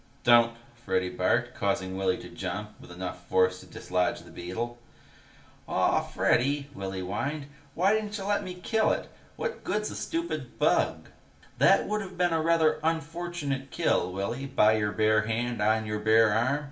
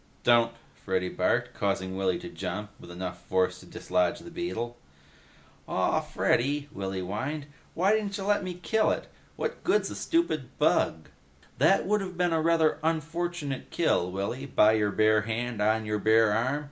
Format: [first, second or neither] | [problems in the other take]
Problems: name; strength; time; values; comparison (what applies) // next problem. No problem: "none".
second | room echo; dies away in 0.4 s